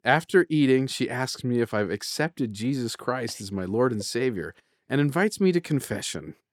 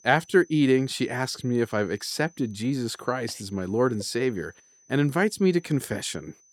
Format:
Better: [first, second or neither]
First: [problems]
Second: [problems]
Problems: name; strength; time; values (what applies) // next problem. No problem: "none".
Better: first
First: none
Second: high-pitched whine; faint; throughout; 6 kHz, 30 dB below the speech